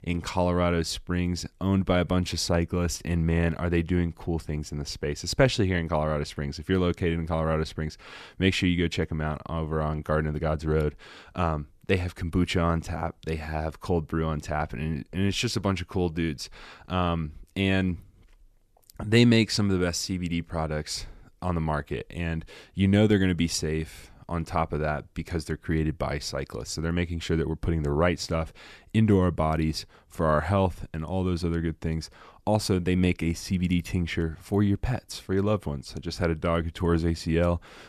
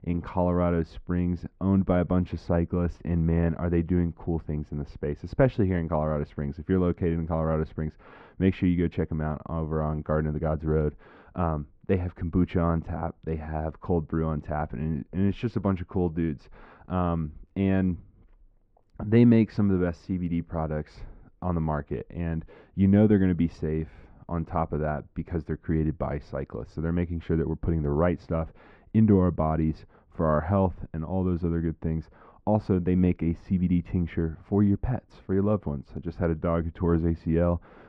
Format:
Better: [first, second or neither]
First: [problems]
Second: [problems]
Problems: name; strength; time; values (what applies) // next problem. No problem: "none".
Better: first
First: none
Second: muffled; very; fading above 1 kHz